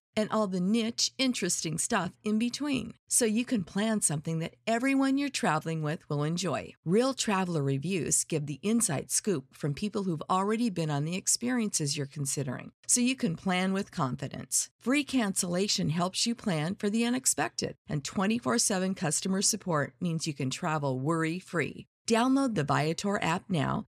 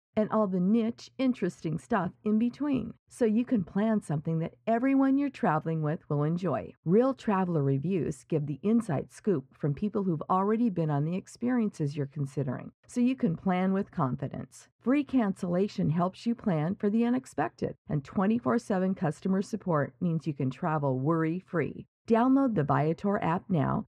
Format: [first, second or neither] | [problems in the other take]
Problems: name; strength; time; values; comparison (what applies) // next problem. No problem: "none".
first | muffled; very; fading above 3 kHz